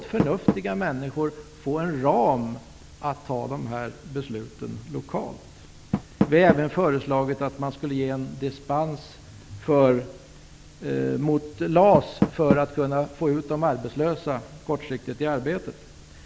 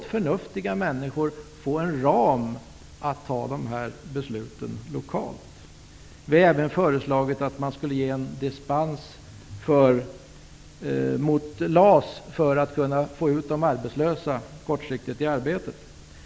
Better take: second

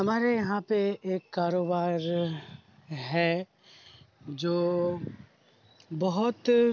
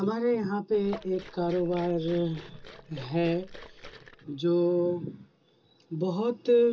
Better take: first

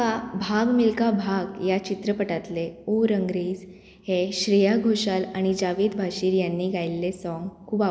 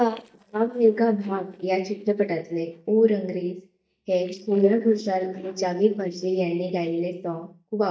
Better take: first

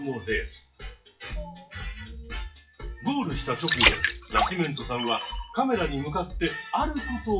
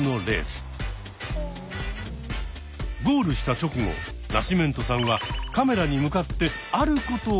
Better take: second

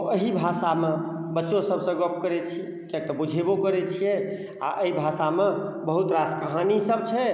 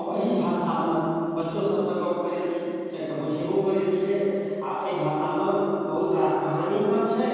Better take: first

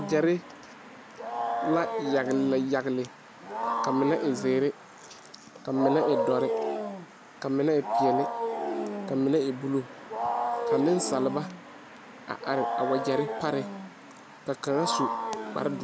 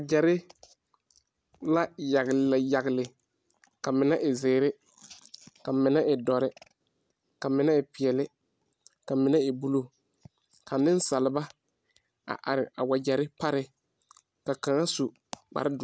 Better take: second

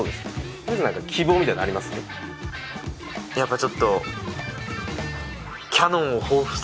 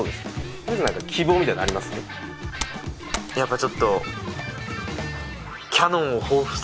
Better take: first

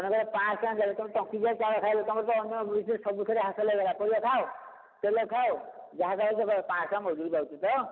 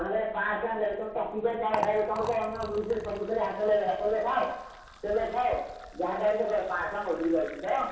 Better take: first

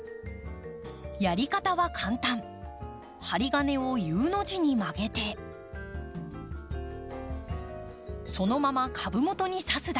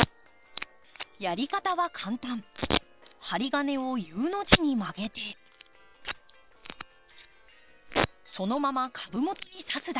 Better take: first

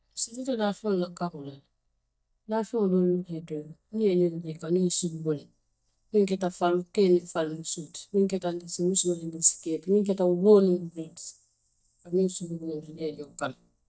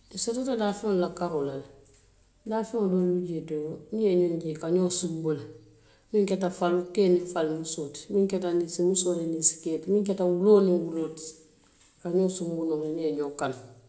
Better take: second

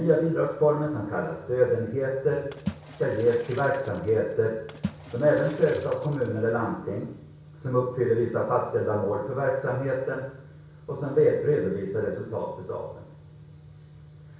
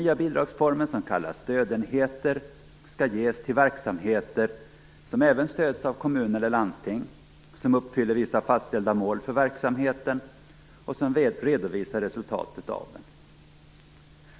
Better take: second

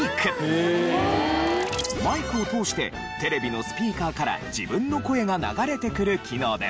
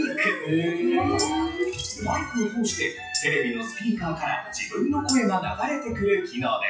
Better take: first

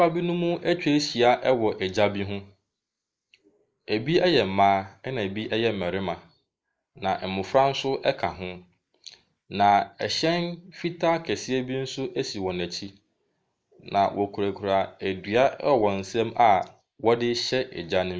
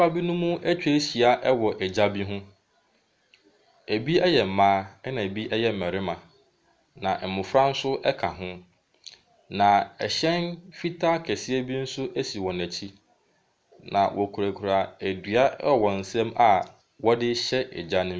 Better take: second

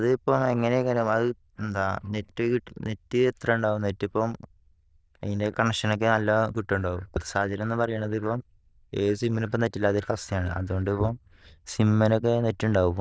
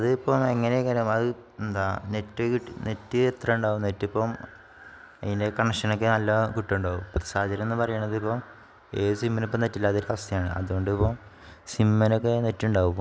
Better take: second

